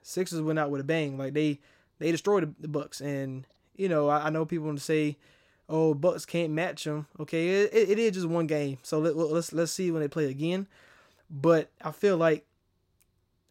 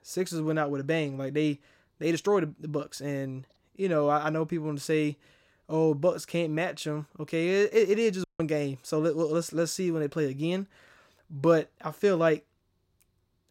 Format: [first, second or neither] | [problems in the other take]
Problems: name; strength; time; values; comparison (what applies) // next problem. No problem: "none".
first | audio cutting out; at 8 s